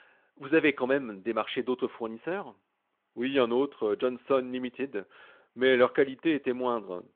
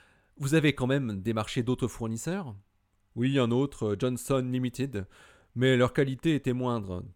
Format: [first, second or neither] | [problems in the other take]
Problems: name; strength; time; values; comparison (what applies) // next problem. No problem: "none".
second | phone-call audio; nothing above 3.5 kHz